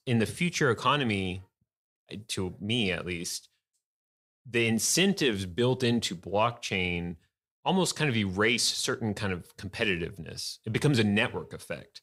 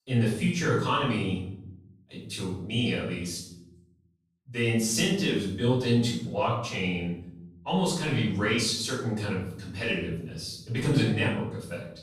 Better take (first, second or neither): first